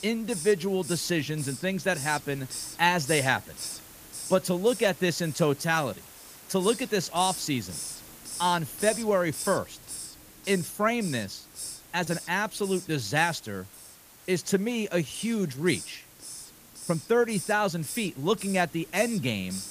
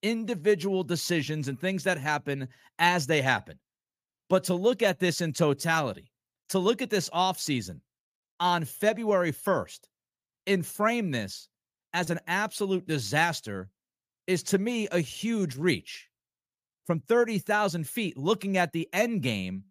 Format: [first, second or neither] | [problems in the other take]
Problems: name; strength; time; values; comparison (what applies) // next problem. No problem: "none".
second | hiss; noticeable; throughout; 10 dB below the speech